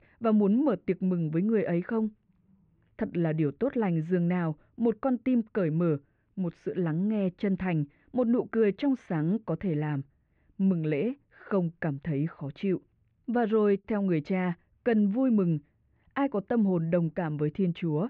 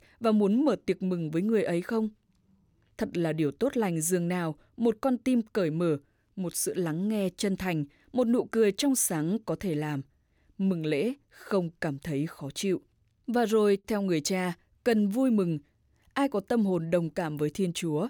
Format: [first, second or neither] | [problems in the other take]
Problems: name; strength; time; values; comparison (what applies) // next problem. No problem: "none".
second | muffled; very; fading above 2.5 kHz